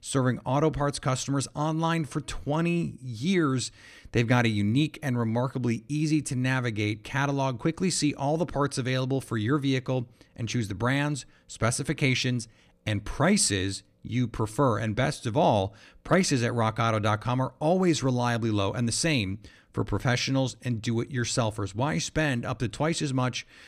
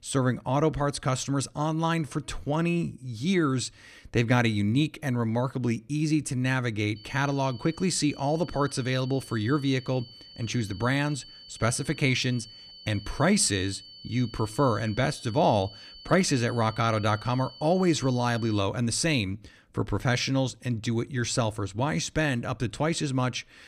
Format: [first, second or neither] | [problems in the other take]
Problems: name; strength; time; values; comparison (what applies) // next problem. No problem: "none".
first | high-pitched whine; noticeable; from 7 to 19 s; 4.5 kHz, 20 dB below the speech